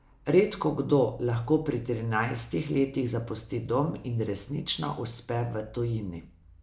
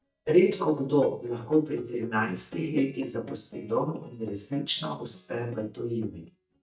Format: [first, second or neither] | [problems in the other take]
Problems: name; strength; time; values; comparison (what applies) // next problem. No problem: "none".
first | noise reduction (neural mask model DeepFilterNet 3)